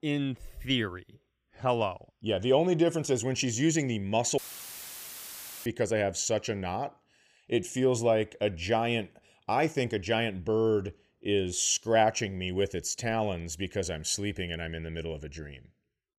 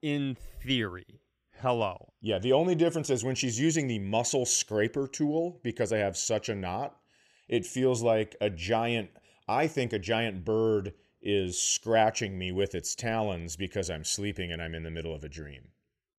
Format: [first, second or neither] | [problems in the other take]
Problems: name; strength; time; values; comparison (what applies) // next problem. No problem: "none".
second | audio cutting out; filled with static; at 4.5 s for 1.5 s